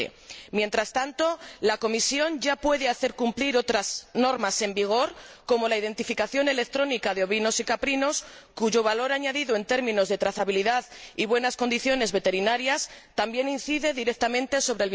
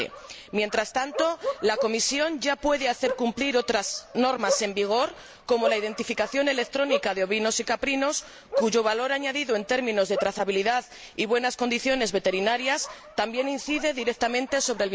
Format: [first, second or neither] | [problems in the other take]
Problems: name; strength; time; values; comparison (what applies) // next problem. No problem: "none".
first | background sound (Bark); 10 dB below the speech